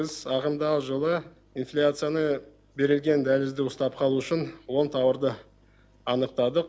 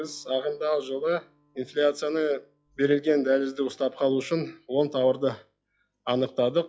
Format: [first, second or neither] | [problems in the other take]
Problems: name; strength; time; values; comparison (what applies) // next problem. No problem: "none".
first | noise reduction (classical method log-MMSE)